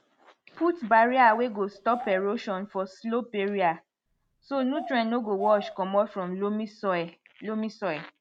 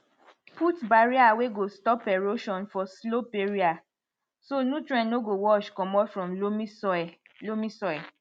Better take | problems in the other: second | background sound (Bird vocalization, bird call, bird song); 14 dB below the speech

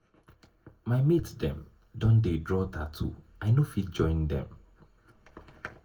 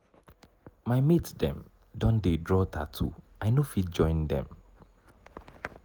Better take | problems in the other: second | room echo; dies away in 0.2 s

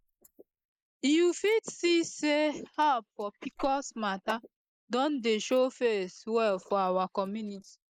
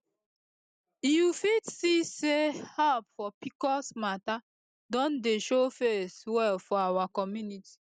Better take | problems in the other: second | noise reduction (neural mask model Resemble Enhance denoiser)

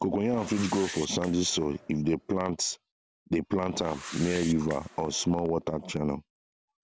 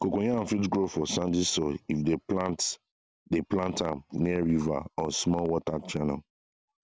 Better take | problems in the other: second | background sound (Whoosh, swoosh, swish); 16 dB below the speech

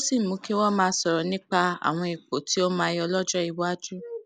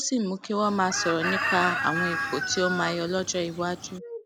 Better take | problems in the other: first | background sound (Chicken, rooster); 3 dB below the speech

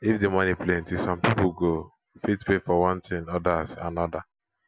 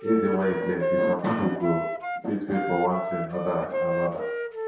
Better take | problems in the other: first | background sound (Wind instrument, woodwind instrument); 2 dB below the speech // room echo; dies away in 0.7 s

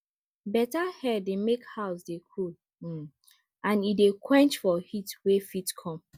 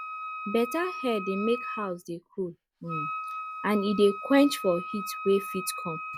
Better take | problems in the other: first | background sound (Wind instrument, woodwind instrument); 8 dB below the speech

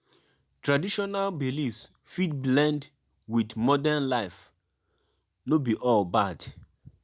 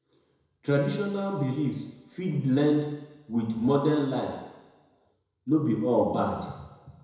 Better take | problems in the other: first | room echo; dies away in 1 s

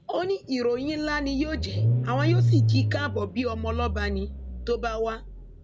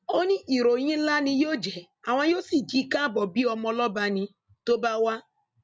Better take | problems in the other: second | background sound (Engine starting / Car); 2 dB above the speech

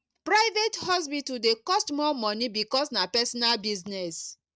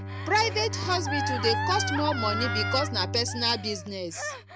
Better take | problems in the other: first | background sound (Gasp + Bowed string instrument); 2 dB below the speech

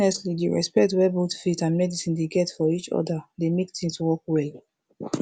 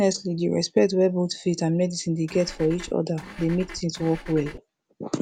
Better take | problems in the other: first | background sound (Engine / Car); 15 dB below the speech

